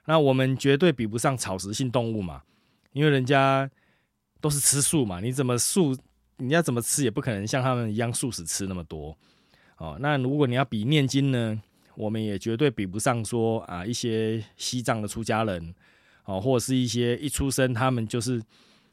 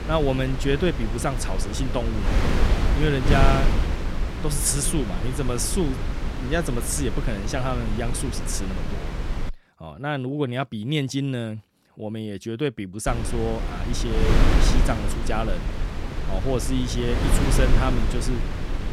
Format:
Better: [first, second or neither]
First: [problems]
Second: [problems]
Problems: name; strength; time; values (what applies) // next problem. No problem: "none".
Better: first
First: none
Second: wind noise on the microphone; heavy; until 9.5 s and from 13 s on; 4 dB below the speech